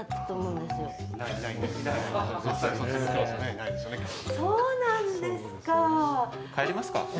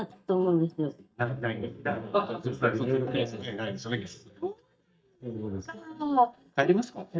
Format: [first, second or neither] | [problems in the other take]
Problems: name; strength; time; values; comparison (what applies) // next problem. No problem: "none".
first | noise reduction (neural mask model DeepFilterNet 3)